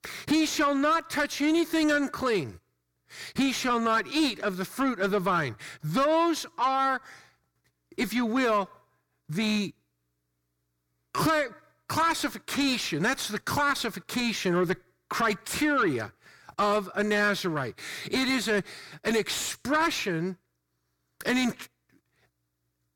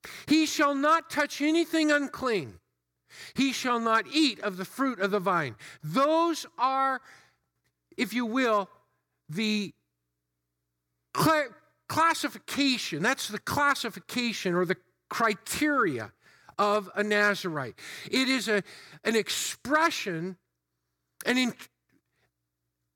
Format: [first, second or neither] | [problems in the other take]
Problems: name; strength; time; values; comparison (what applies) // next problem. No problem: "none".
second | distortion; slight; 10 dB below the speech